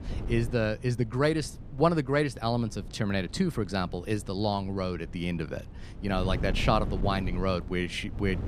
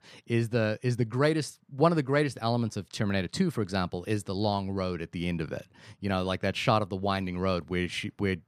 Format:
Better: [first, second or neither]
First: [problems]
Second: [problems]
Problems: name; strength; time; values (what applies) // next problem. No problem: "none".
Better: second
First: wind noise on the microphone; occasional gusts; 20 dB below the speech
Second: none